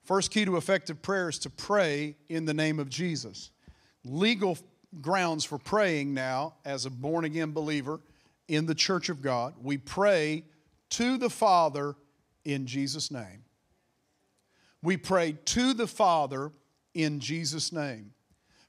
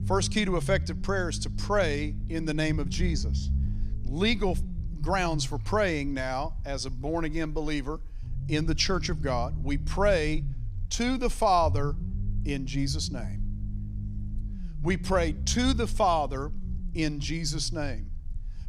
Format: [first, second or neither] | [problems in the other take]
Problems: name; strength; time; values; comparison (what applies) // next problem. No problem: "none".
first | low rumble; noticeable; throughout; 20 dB below the speech